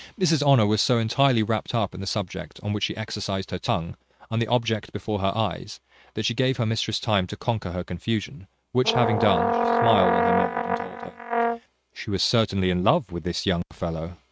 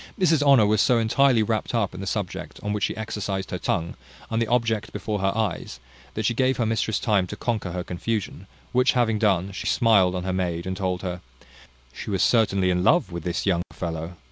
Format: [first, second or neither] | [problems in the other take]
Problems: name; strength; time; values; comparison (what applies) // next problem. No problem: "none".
second | noise reduction (neural mask model RNNoise)